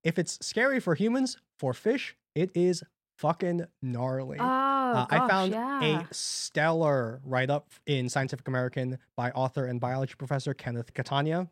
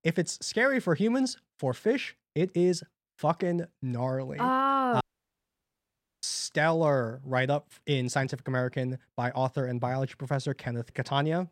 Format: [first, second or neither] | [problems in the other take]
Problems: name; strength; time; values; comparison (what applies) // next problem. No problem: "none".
first | audio cutting out; at 5 s for 1 s